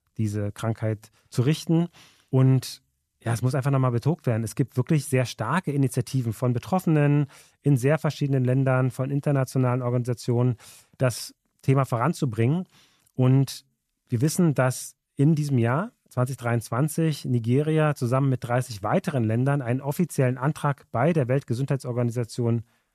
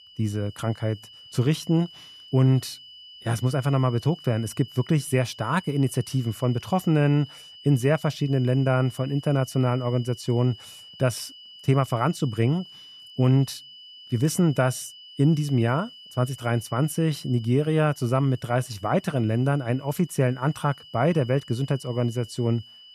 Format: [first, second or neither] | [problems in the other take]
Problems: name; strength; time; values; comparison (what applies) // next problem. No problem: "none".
first | high-pitched whine; noticeable; throughout; 3 kHz, 20 dB below the speech